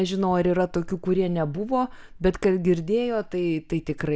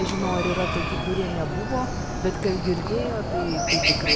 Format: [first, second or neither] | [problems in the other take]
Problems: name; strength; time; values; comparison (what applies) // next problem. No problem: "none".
first | background sound (Chicken, rooster); 1 dB above the speech